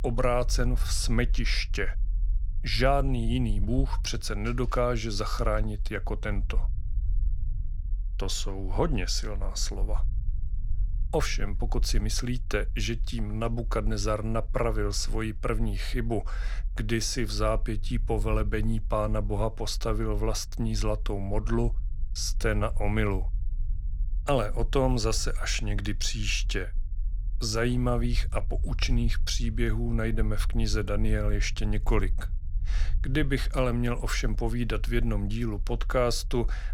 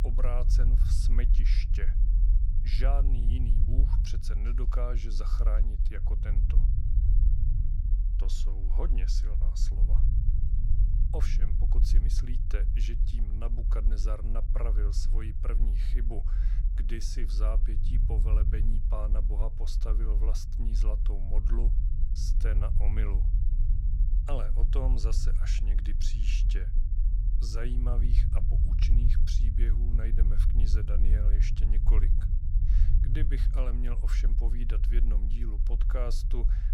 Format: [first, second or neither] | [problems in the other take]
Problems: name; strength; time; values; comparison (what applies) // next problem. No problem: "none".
first | low rumble; loud; throughout; 6 dB below the speech; faint in the first